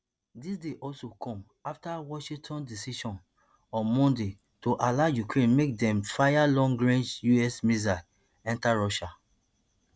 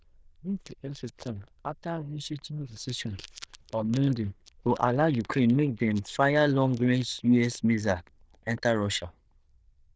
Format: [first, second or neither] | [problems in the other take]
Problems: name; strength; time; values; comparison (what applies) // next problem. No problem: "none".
first | noise reduction (neural diffusion model UNIVERSE++)